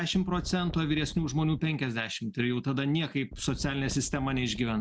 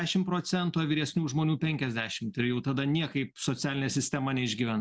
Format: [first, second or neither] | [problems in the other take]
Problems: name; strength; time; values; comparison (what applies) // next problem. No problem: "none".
second | background sound (Wind); 13 dB below the speech